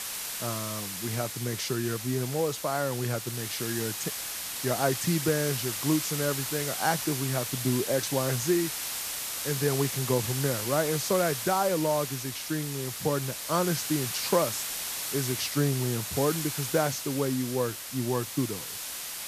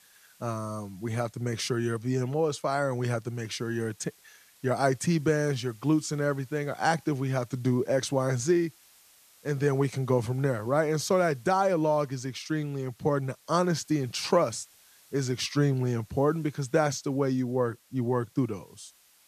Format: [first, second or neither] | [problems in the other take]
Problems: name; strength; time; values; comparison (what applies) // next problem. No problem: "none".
second | hiss; loud; throughout; 3 dB below the speech; faint in the second